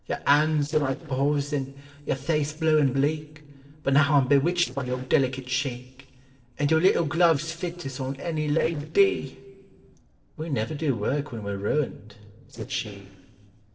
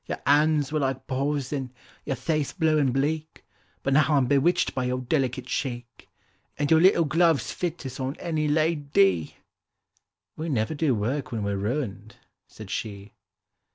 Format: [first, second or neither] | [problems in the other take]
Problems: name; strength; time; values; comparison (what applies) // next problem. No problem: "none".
second | noise reduction (neural separator model SepFormer DNS4)